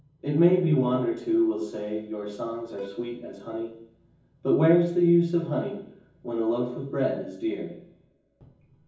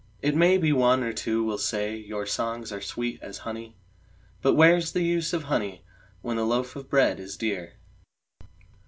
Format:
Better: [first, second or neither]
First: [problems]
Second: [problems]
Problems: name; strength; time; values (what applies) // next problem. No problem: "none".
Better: second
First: background sound (Plucked string instrument); 19 dB below the speech // room echo; dies away in 0.7 s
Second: none